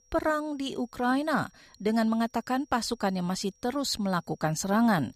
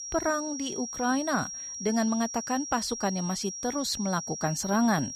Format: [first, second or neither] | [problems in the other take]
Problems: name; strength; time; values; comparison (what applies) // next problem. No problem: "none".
first | high-pitched whine; loud; throughout; 5.5 kHz, 6 dB below the speech; faint in the first